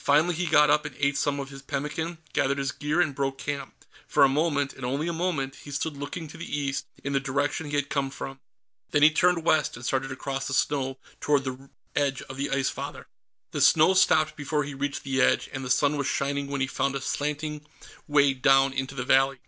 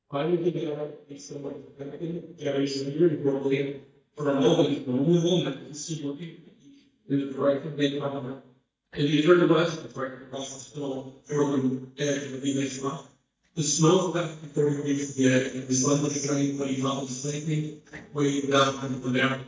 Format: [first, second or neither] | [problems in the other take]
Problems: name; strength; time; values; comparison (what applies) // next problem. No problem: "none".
first | noise reduction (neural mask model DeepFilterNet 3)